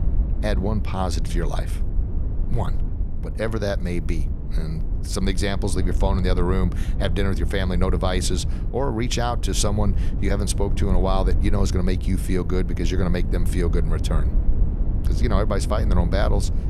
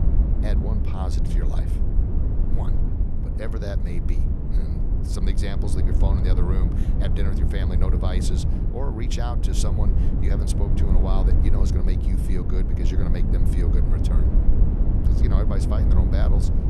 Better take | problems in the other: first | wind noise on the microphone; heavy; 1 dB below the speech; occasional gusts in the first

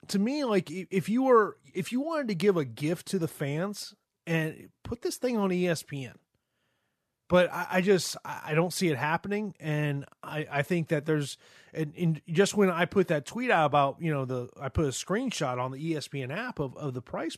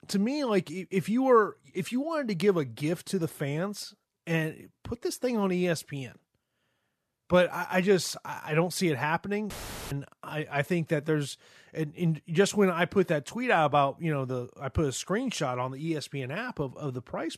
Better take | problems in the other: first | audio cutting out; filled with static; at 9.5 s

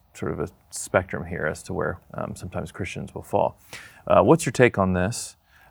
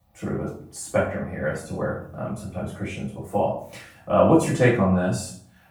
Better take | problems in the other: first | off-mic speech; far // room echo; noticeable; dies away in 0.4 s

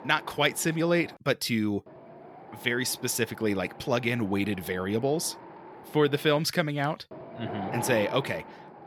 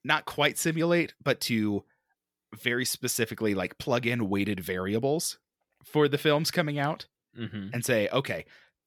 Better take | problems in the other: second | wind noise on the microphone; occasional gusts; 15 dB below the speech

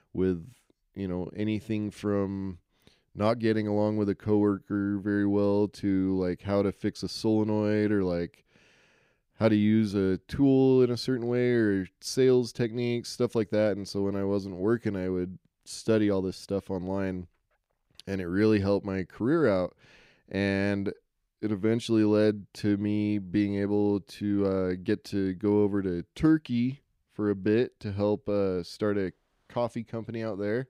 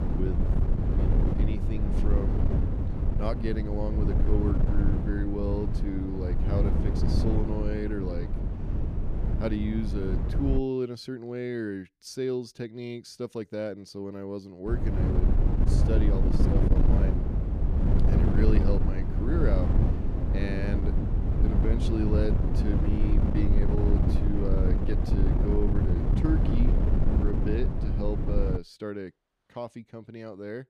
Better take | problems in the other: first | wind noise on the microphone; heavy; until 11 s and from 15 to 29 s; 1 dB below the speech

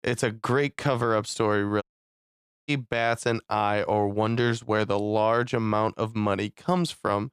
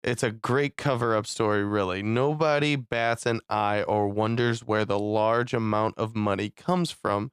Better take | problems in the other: second | audio cutting out; at 2 s for 1 s

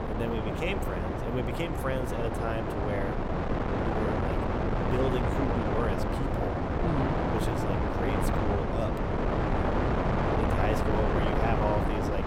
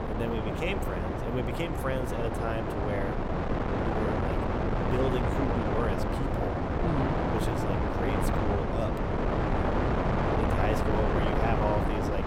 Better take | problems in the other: neither | wind noise on the microphone; heavy; 5 dB above the speech; the same in both

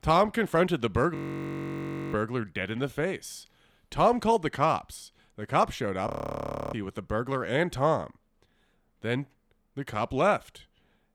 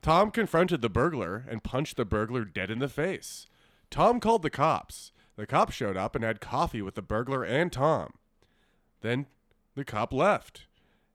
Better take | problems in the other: second | audio freezing; at 1 s for 1 s and at 6 s for 0.5 s

